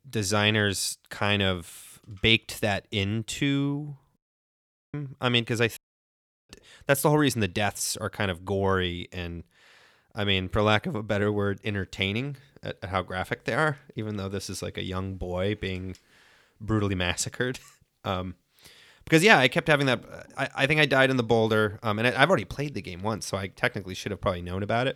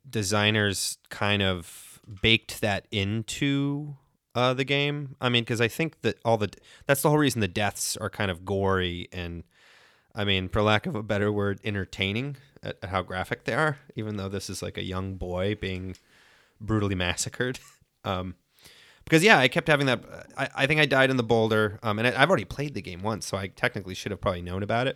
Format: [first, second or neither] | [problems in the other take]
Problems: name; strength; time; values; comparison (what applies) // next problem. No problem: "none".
second | audio cutting out; at 4 s for 1 s and at 6 s for 0.5 s